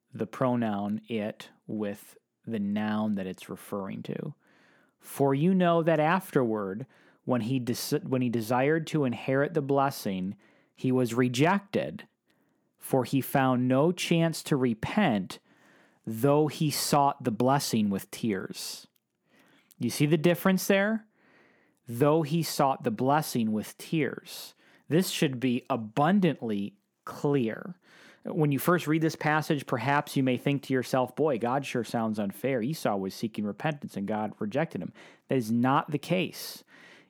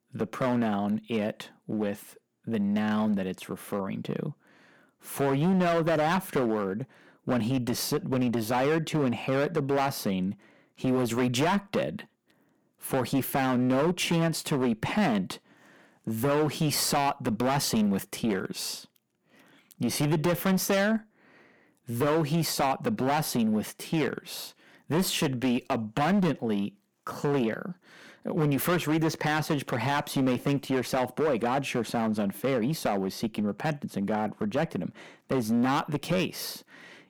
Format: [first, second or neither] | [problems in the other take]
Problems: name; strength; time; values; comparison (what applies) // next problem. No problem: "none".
first | distortion; heavy; 10% of the sound clipped